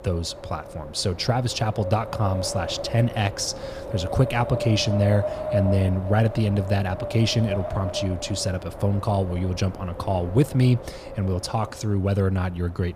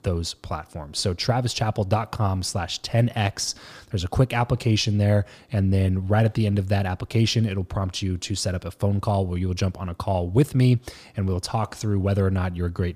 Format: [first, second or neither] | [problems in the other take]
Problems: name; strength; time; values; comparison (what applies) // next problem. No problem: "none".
second | wind noise on the microphone; heavy; 5 dB below the speech